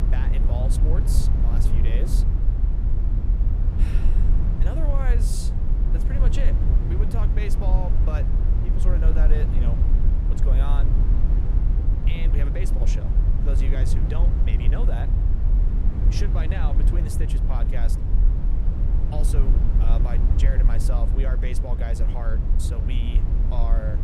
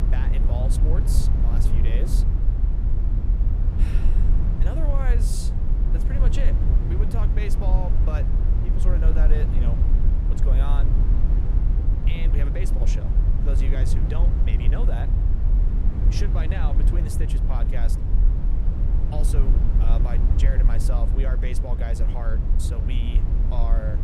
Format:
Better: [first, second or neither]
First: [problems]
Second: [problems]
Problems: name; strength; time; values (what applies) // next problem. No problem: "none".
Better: neither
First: low rumble; loud; throughout; 2 dB below the speech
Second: low rumble; loud; throughout; 2 dB below the speech